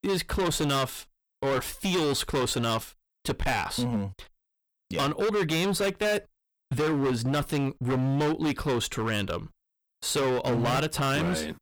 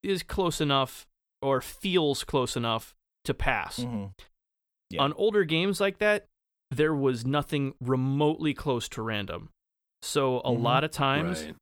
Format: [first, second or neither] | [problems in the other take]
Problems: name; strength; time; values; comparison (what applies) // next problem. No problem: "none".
second | distortion; heavy; 21% of the sound clipped